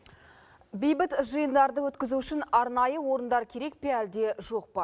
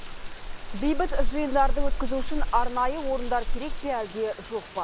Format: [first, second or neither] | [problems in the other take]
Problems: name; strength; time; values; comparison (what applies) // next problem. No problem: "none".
first | background sound (Rain); 3 dB above the speech